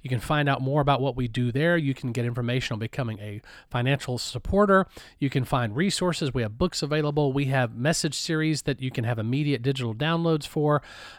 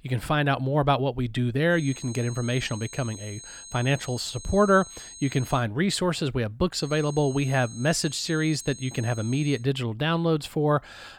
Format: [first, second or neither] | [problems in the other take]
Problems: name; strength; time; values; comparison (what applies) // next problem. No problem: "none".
first | high-pitched whine; noticeable; from 2 to 5.5 s and from 7 to 9.5 s; 6.5 kHz, 15 dB below the speech